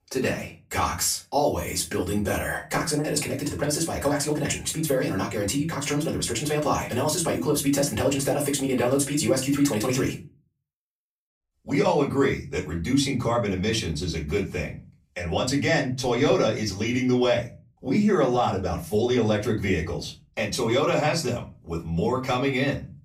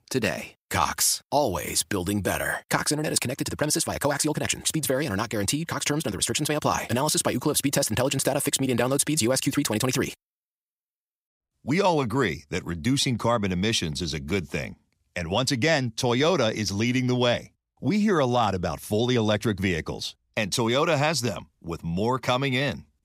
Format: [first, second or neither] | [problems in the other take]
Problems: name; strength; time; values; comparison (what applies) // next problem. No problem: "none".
second | off-mic speech; far // room echo; very slight; dies away in 0.3 s